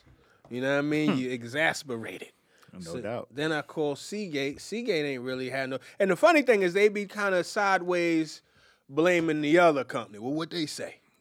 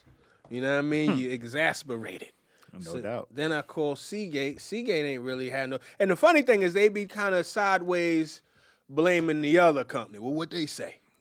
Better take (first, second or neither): first